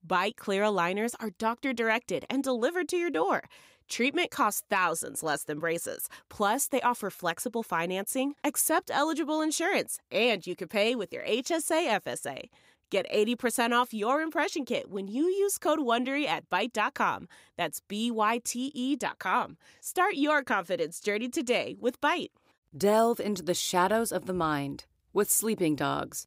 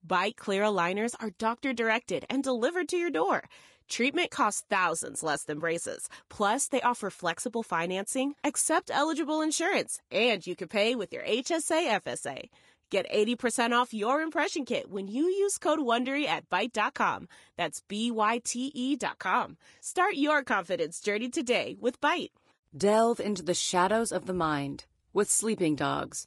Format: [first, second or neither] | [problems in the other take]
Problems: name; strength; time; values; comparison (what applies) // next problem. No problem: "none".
first | garbled, watery; slightly; nothing above 10.5 kHz